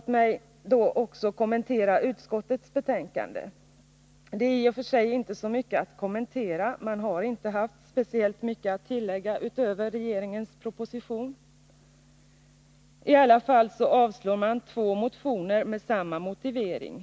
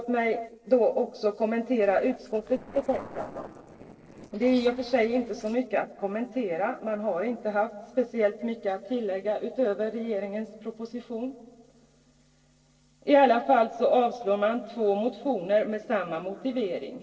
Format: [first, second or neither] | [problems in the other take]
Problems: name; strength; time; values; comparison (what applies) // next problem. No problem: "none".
first | noise reduction (neural separator model SepFormer DNS4)